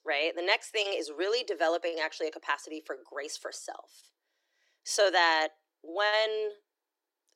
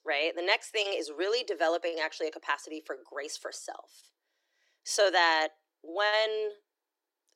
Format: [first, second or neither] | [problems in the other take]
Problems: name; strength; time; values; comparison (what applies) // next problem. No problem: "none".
neither | thin; very; fading below 300 Hz; the same in both